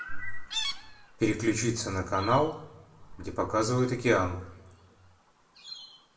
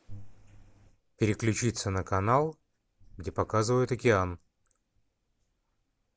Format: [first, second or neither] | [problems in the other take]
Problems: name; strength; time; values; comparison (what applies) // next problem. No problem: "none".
second | background sound (Chirp, tweet); 14 dB below the speech // room echo; dies away in 0.6 s